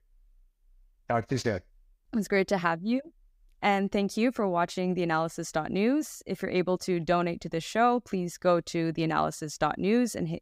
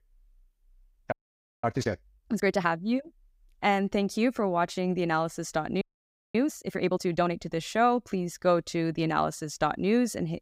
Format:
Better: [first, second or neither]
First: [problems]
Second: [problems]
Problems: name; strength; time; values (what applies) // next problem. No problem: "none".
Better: first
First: none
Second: audio freezing; at 1 s for 0.5 s and at 6 s for 0.5 s